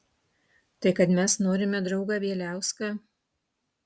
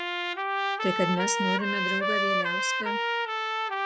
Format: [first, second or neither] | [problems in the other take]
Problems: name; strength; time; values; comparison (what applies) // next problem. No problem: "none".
first | background sound (Trumpet); 5 dB above the speech